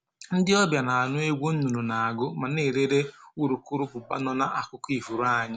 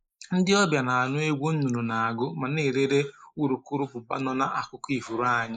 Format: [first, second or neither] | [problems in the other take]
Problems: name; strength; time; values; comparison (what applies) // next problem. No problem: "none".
first | noise reduction (neural mask model Resemble Enhance denoiser)